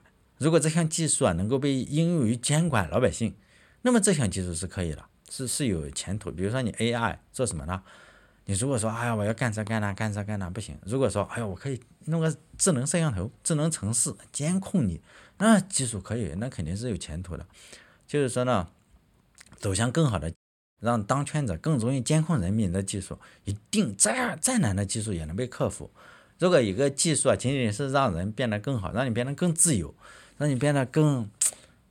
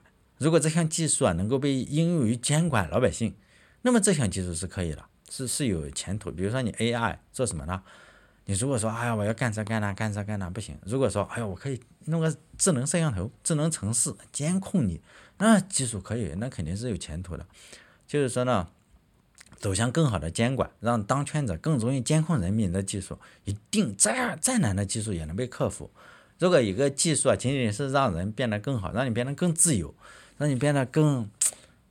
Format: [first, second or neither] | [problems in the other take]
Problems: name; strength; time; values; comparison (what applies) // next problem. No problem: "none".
second | audio cutting out; at 20 s